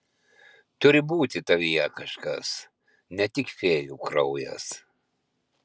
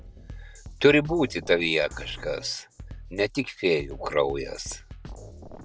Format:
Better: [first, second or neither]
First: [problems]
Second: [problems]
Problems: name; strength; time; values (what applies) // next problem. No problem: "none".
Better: first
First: none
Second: background sound (Drum kit); 15 dB below the speech